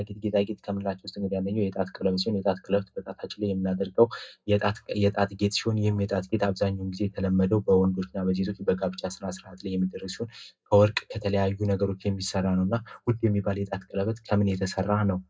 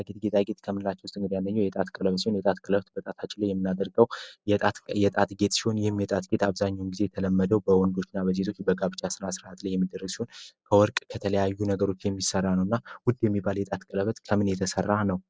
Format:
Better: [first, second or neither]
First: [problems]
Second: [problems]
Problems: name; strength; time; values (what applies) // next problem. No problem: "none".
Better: second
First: room echo; dies away in 0.2 s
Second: none